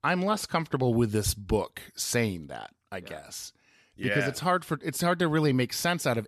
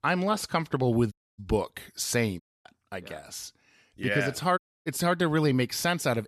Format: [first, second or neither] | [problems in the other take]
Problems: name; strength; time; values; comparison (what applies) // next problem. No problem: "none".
first | audio cutting out; at 1 s, at 2.5 s and at 4.5 s